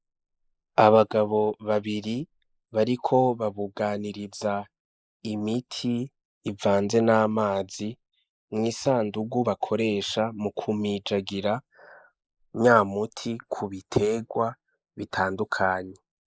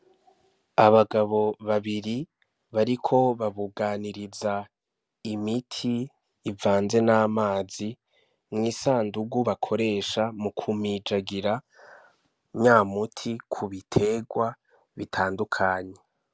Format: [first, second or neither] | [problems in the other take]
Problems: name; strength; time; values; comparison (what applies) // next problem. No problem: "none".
second | noise reduction (neural mask model Resemble Enhance denoiser)